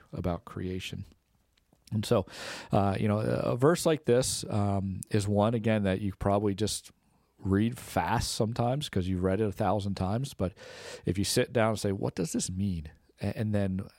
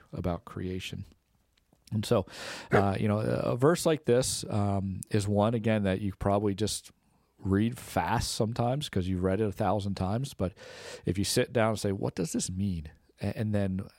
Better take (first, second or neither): first